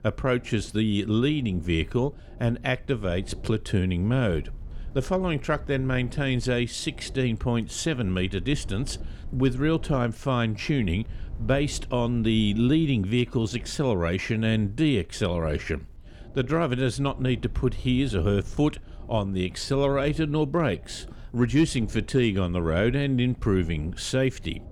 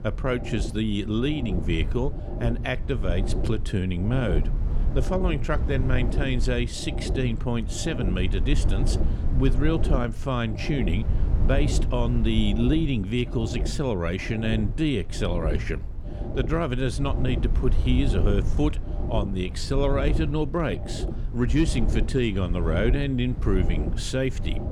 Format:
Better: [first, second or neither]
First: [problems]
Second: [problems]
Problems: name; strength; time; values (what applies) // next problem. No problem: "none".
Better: first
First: low rumble; faint; throughout; 25 dB below the speech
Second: low rumble; loud; throughout; 9 dB below the speech